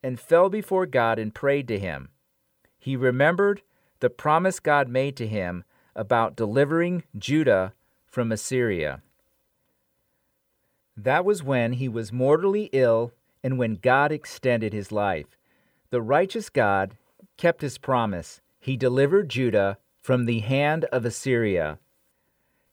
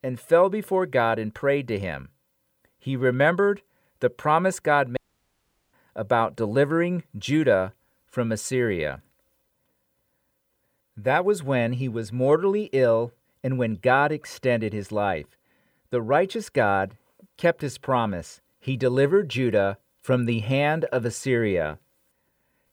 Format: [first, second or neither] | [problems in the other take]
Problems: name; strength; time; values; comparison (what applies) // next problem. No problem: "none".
first | audio cutting out; at 5 s for 1 s